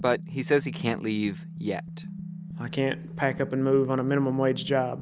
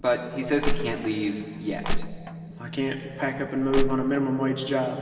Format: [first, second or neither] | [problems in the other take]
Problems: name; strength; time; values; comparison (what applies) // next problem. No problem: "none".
first | background sound (Crushing); 1 dB above the speech // room echo; dies away in 2.7 s